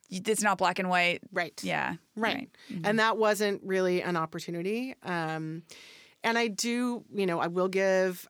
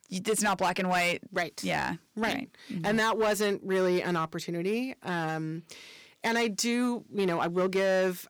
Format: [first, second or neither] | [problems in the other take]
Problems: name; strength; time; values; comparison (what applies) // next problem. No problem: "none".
first | distortion; slight; 7% of the sound clipped